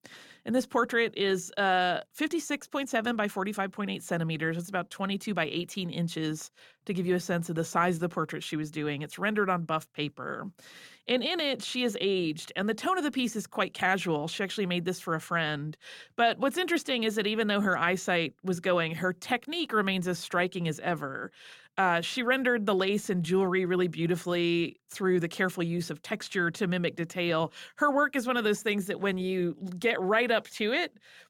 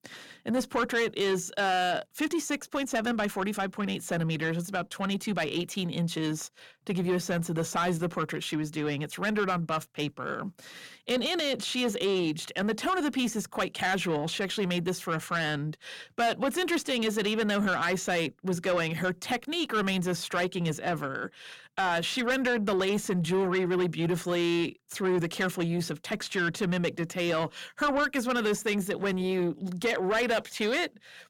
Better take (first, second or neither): first